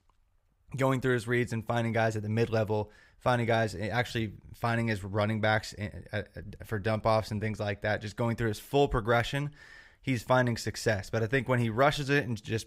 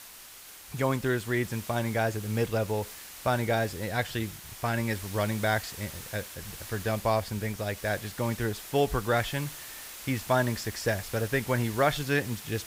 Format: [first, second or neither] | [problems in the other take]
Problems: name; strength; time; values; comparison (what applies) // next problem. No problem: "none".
first | hiss; noticeable; throughout; 10 dB below the speech